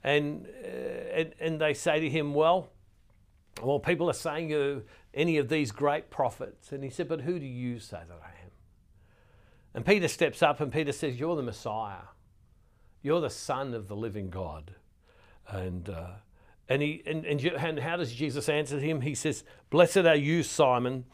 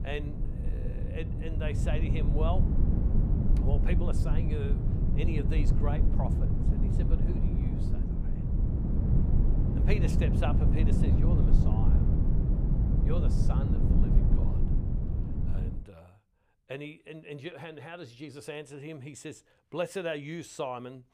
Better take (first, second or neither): first